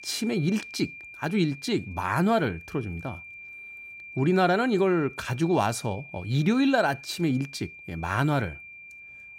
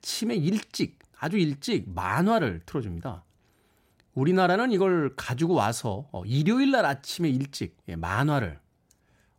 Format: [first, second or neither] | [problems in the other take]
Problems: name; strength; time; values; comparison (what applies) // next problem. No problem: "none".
second | high-pitched whine; noticeable; throughout; 2.5 kHz, 15 dB below the speech